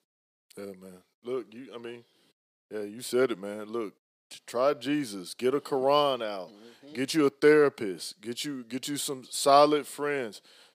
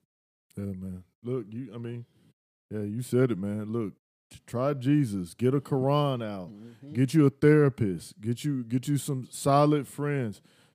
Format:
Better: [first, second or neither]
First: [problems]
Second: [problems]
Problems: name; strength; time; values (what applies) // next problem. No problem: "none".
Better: second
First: thin; somewhat; fading below 500 Hz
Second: none